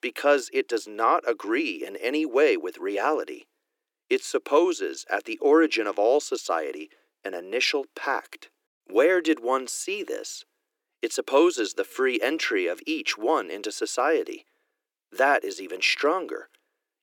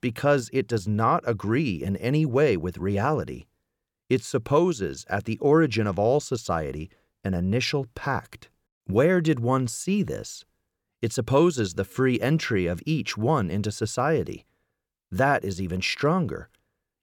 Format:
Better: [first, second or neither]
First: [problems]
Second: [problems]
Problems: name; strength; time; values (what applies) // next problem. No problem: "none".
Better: second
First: thin; very; fading below 300 Hz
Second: none